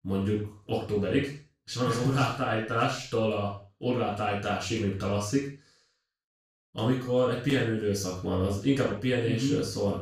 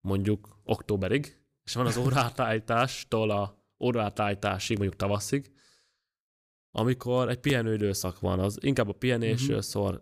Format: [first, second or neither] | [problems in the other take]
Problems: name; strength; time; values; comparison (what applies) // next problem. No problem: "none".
second | room echo; noticeable; dies away in 0.4 s // off-mic speech; far